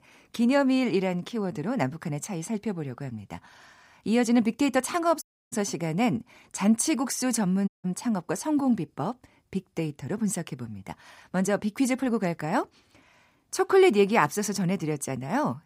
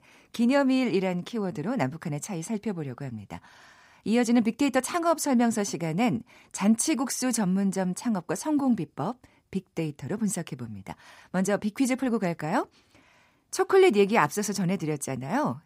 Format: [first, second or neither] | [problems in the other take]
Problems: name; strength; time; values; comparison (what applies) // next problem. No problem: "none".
second | audio cutting out; at 5 s and at 7.5 s